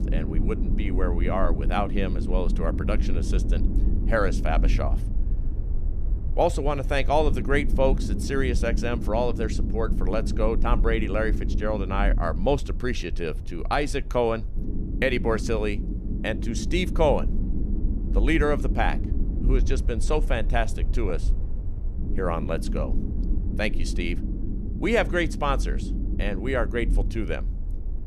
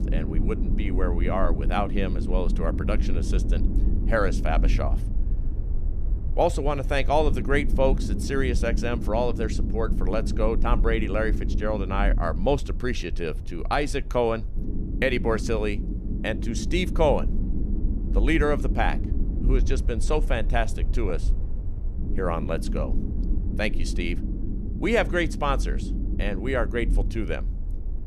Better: neither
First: low rumble; noticeable; throughout; 15 dB below the speech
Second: low rumble; noticeable; throughout; 15 dB below the speech

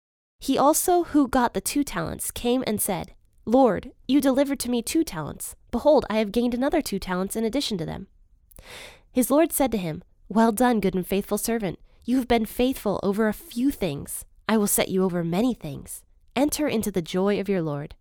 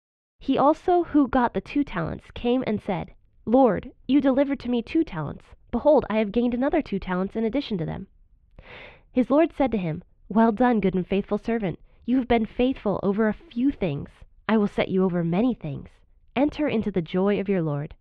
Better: first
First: none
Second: muffled; very; fading above 3 kHz

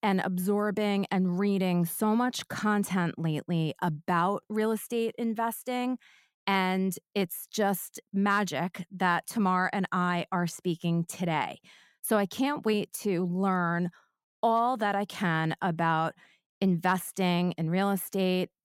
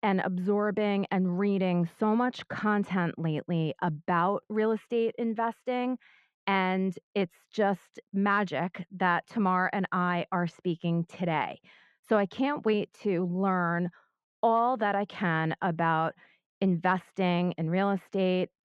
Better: first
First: none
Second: muffled; slightly; fading above 2.5 kHz

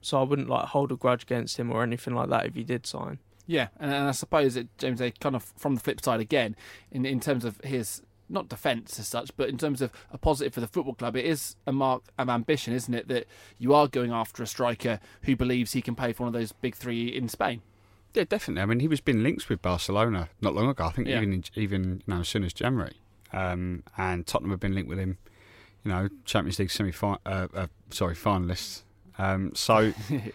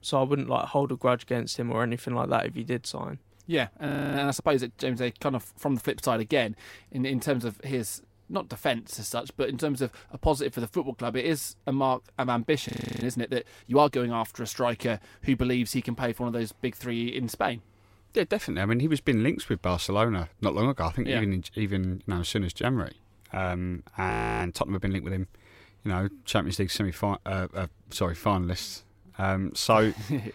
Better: first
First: none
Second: audio freezing; at 4 s, at 13 s and at 24 s

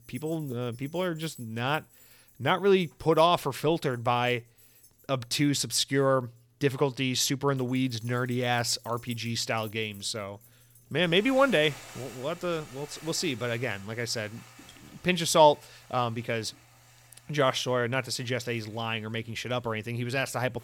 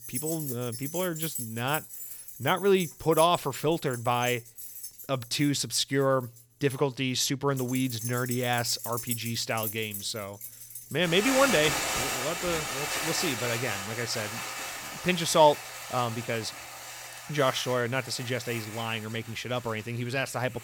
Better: first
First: household noises; faint; throughout; 25 dB below the speech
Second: household noises; loud; throughout; 6 dB below the speech

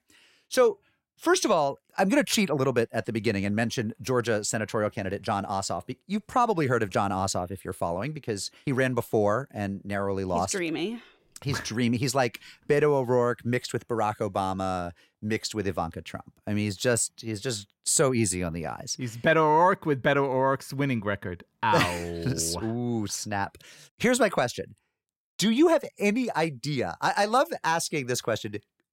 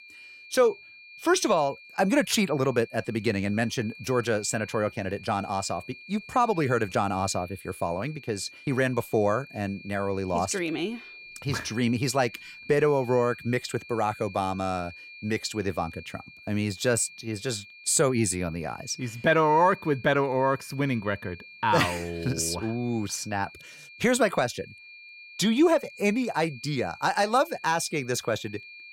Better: first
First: none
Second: high-pitched whine; noticeable; throughout; 2.5 kHz, 20 dB below the speech

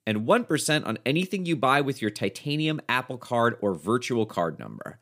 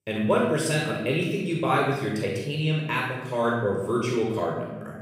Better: first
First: none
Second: off-mic speech; far // room echo; noticeable; dies away in 0.9 s

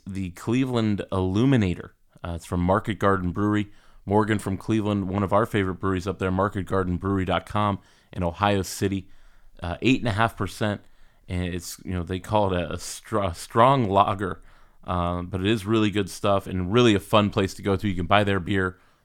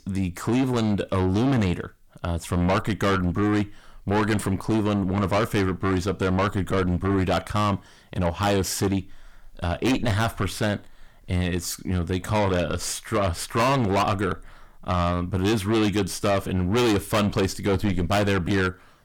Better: first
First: none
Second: distortion; heavy; 6 dB below the speech

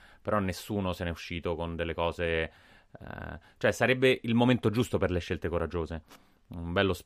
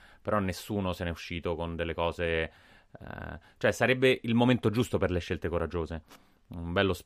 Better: neither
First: none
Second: none

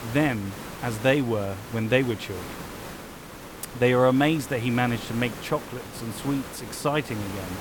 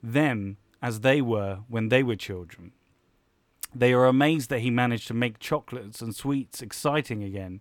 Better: second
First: hiss; noticeable; throughout; 15 dB below the speech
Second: none

